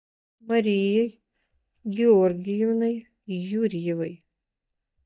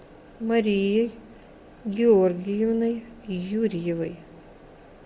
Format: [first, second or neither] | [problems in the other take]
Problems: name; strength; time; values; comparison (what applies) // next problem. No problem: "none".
second | noise reduction (neural mask model DeepFilterNet 3)